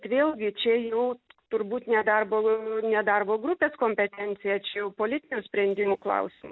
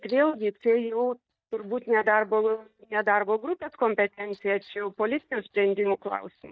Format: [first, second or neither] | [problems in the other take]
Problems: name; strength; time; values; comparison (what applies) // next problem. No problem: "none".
first | noise reduction (neural mask model DeepFilterNet 3)